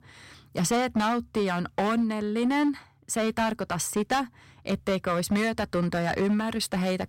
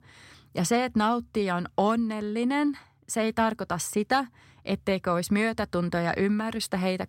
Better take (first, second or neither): second